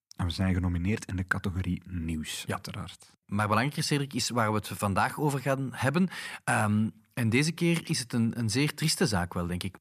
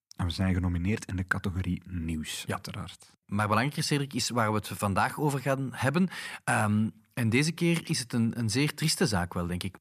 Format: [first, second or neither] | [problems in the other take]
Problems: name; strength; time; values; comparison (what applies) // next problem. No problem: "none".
neither | none